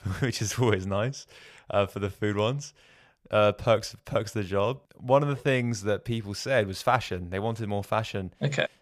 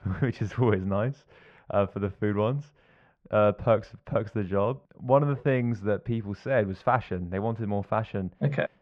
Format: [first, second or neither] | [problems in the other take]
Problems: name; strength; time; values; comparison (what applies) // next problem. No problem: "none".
first | muffled; very; fading above 1.5 kHz